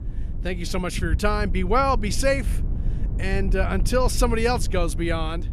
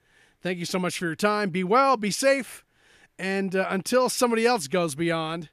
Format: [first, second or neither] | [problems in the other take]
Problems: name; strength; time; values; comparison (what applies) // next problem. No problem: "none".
second | low rumble; noticeable; throughout; 20 dB below the speech